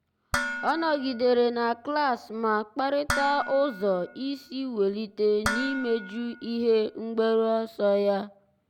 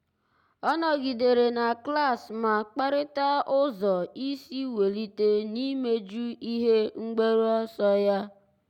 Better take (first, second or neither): second